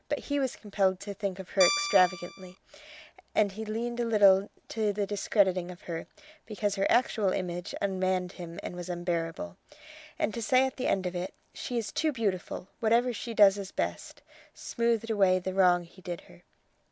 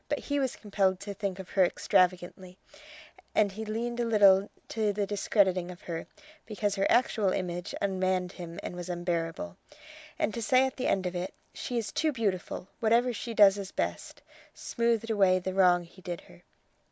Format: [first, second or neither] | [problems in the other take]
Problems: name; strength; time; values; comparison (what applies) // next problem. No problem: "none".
second | background sound (Guitar); 4 dB below the speech